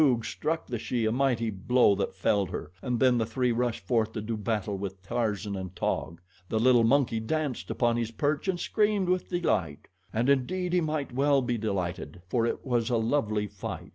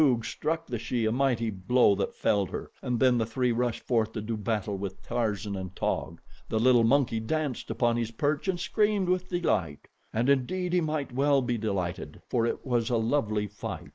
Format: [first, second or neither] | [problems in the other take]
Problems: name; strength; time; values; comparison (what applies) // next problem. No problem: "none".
first | noise reduction (neural mask model Resemble Enhance denoiser)